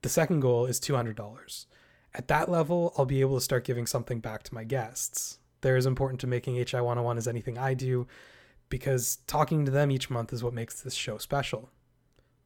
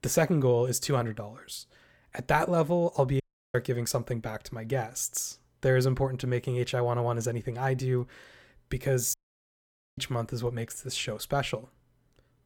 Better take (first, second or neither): first